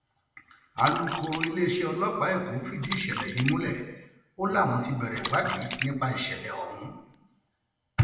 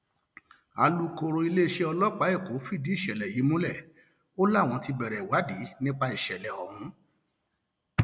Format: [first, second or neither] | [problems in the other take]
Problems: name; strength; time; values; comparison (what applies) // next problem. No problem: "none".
second | background sound (Splash, splatter); 10 dB below the speech // room echo; dies away in 1 s